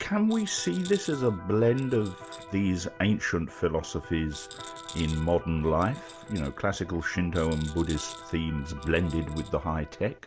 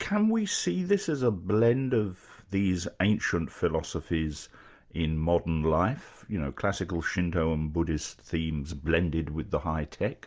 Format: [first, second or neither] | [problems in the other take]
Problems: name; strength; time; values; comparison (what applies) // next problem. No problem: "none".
second | background sound (Rattle + Electric guitar); 16 dB below the speech